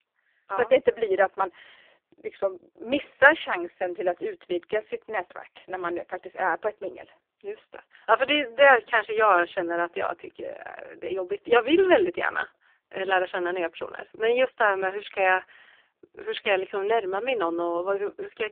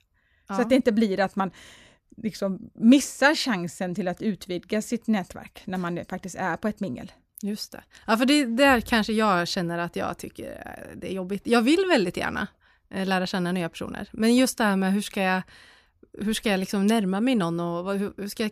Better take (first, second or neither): second